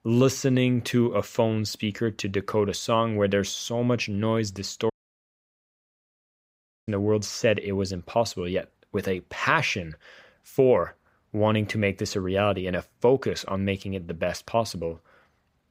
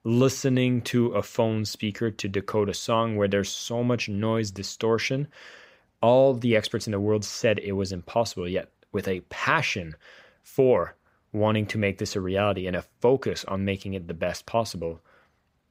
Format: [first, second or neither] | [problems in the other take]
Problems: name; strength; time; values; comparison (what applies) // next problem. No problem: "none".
second | audio cutting out; at 5 s for 2 s